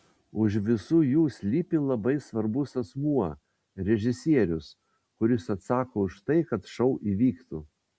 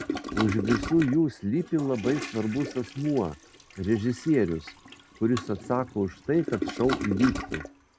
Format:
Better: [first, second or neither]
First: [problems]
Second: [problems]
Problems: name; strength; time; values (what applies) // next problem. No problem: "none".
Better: first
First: none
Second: background sound (Toilet flush); 9 dB below the speech